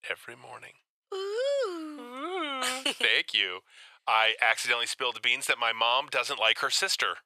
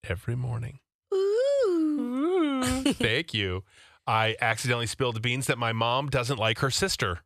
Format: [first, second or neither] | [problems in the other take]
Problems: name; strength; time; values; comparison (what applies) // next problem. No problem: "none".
second | thin; very; fading below 700 Hz